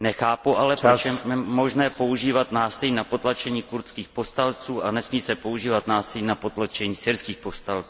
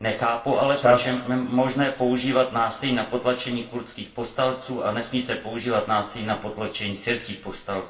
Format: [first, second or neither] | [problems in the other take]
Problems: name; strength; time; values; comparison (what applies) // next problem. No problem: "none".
first | room echo; dies away in 0.3 s